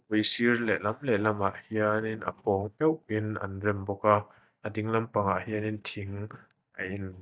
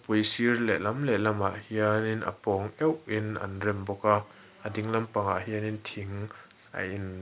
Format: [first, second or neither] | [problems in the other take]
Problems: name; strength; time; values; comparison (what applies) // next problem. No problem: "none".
second | noise reduction (neural mask model DeepFilterNet 3)